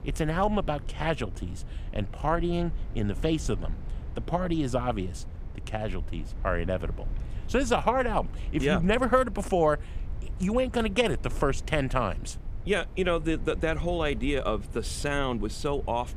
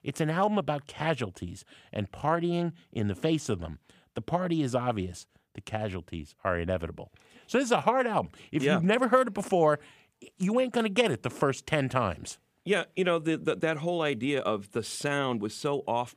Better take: second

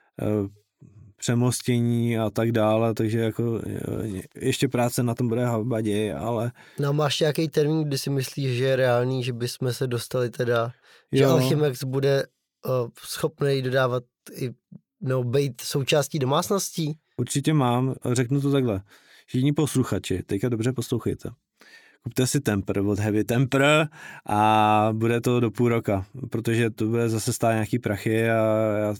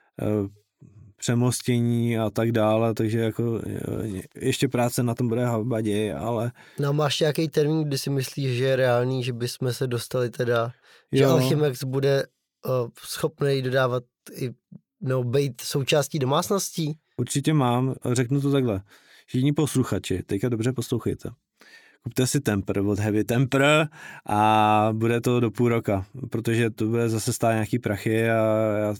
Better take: neither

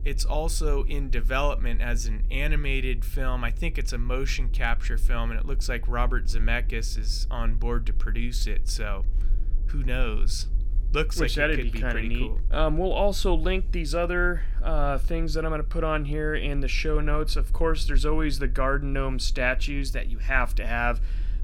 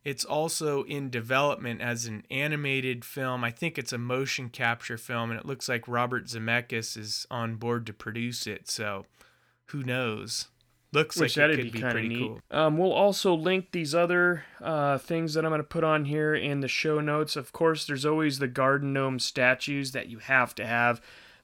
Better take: second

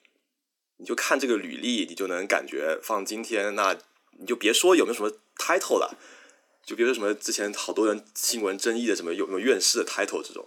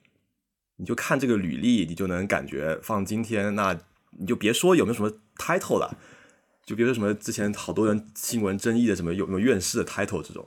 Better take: second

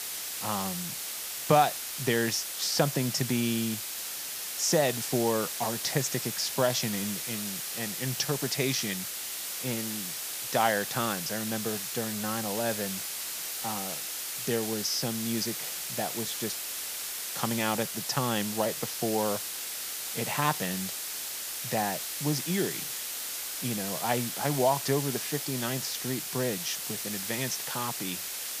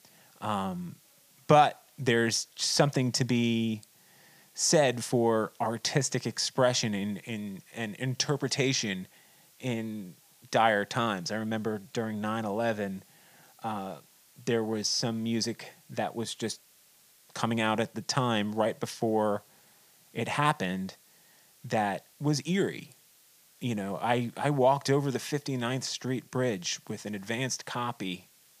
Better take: second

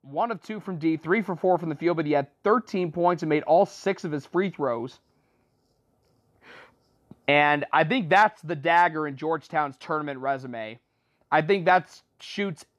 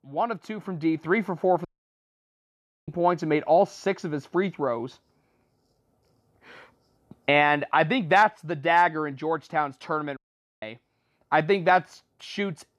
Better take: first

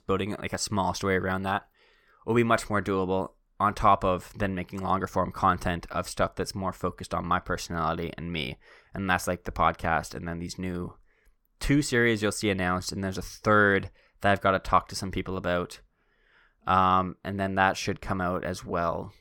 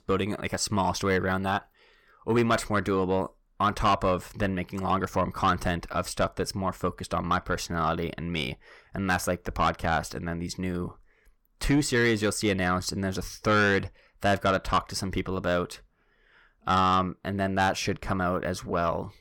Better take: first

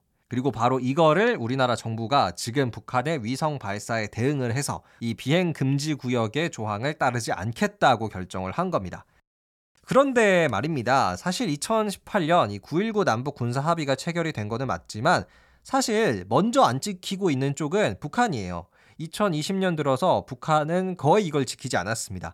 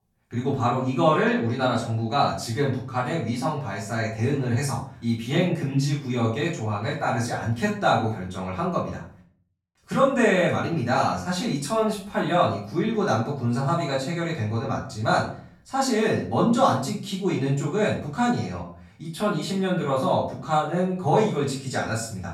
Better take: first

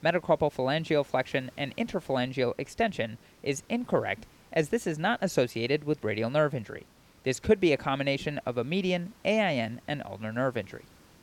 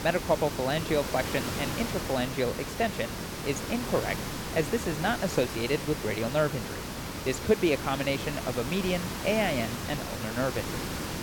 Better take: first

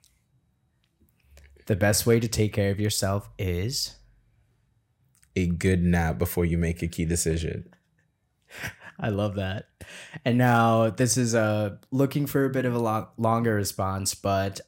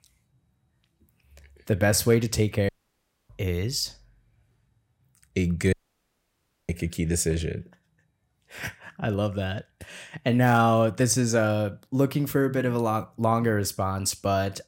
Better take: first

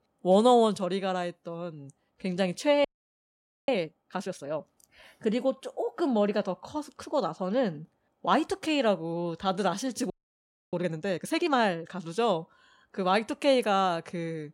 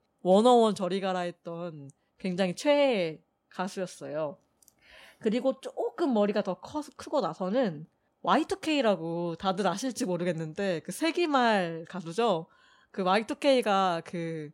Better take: second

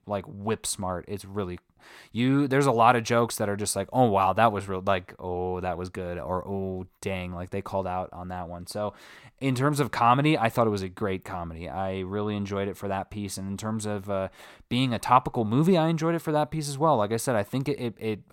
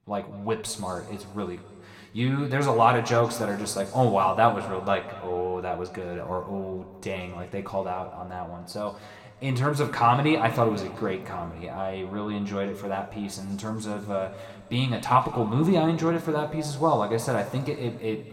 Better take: first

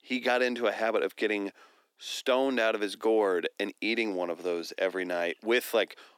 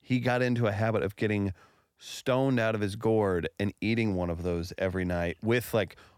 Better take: second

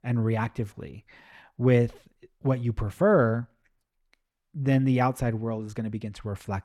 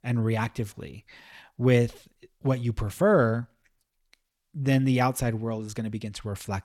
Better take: second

